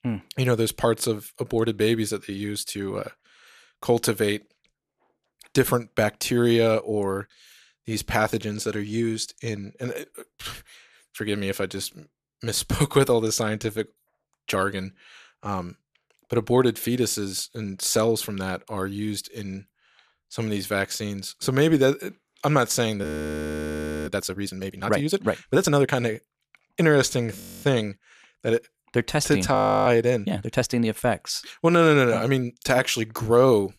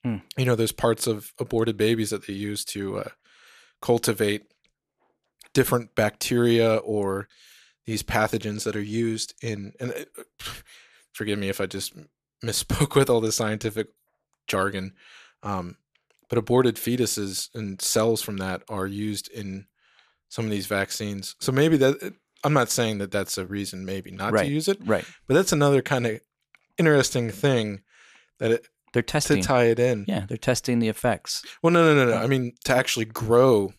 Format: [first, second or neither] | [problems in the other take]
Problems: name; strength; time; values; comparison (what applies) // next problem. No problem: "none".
second | audio freezing; at 23 s for 1 s, at 27 s and at 30 s